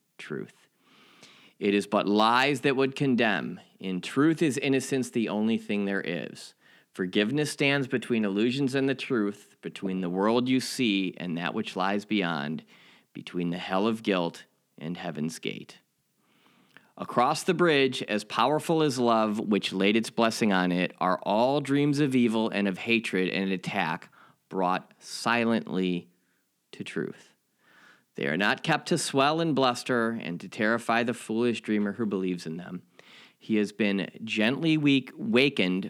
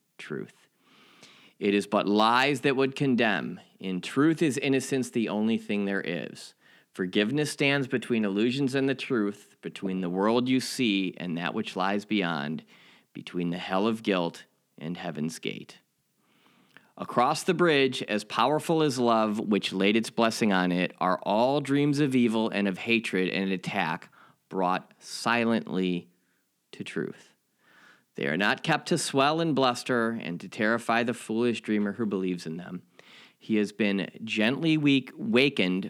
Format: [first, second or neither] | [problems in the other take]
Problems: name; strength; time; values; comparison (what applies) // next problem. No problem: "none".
neither | none